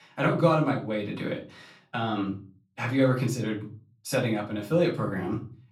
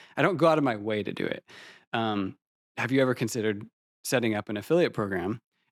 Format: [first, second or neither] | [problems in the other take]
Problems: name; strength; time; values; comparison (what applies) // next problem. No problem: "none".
second | off-mic speech; far // room echo; slight; dies away in 0.4 s